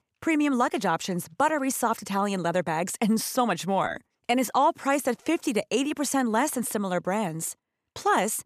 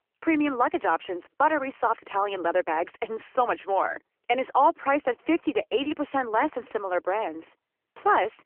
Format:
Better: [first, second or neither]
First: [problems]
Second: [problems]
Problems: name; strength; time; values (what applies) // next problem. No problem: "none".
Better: first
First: none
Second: phone-call audio; poor line; nothing above 3 kHz